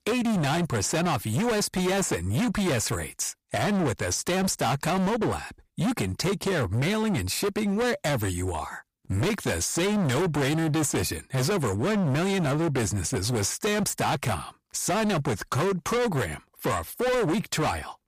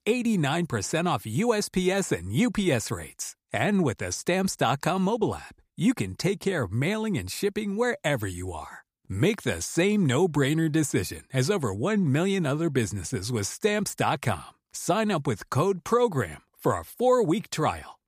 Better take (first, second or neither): second